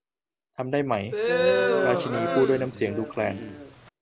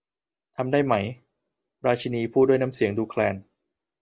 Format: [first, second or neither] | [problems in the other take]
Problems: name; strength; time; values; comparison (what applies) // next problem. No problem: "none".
second | background sound (Crowd); 3 dB above the speech